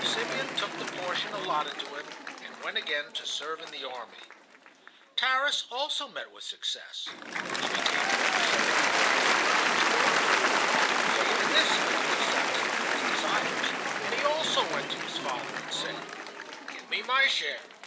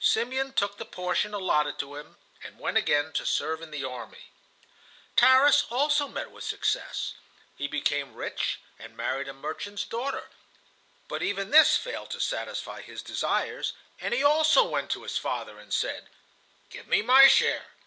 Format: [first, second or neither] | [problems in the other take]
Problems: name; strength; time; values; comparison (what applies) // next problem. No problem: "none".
second | background sound (Applause / Cheering); 4 dB above the speech